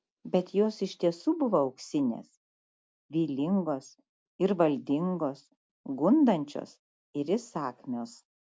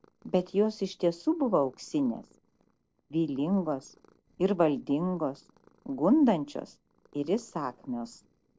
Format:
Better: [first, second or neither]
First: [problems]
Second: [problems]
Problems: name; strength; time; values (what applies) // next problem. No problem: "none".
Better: first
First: none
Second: noise reduction (neural separator model SepFormer DNS4)